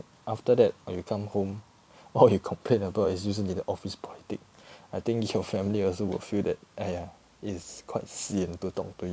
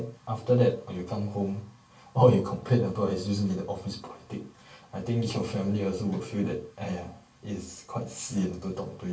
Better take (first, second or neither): first